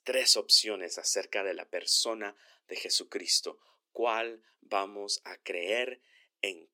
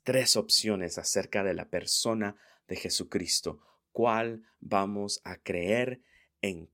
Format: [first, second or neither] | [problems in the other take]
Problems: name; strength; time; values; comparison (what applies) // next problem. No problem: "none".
second | thin; somewhat; fading below 300 Hz